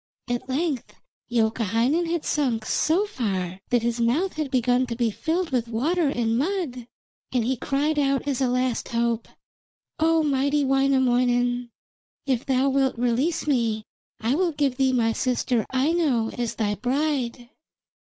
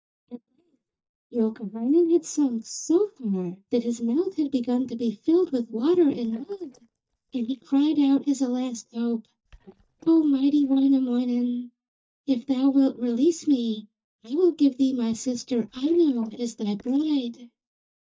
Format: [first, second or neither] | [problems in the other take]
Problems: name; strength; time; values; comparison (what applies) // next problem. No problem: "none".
first | noise reduction (neural mask model DeepFilterNet 3)